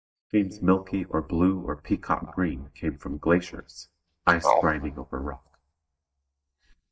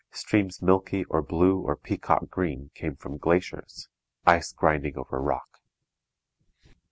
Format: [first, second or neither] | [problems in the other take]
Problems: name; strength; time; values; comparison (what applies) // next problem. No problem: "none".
second | noise reduction (neural mask model DeepFilterNet 3)